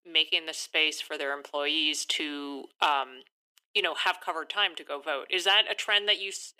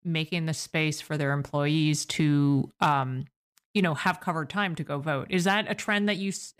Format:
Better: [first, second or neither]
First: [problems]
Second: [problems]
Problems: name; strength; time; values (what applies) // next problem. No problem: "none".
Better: second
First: thin; very; fading below 350 Hz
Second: none